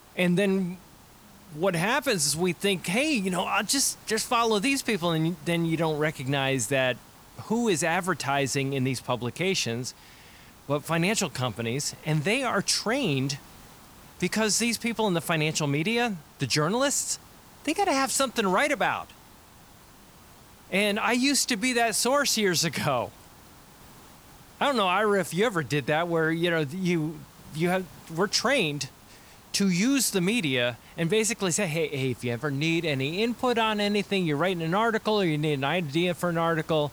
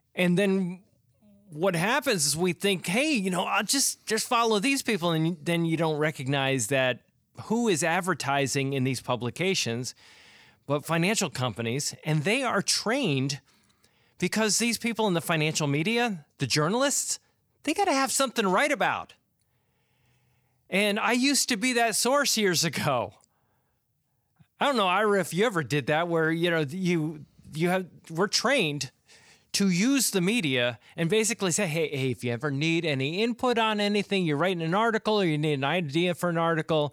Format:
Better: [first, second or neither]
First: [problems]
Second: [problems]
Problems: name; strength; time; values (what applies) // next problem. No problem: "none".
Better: second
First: hiss; faint; throughout; 25 dB below the speech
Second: none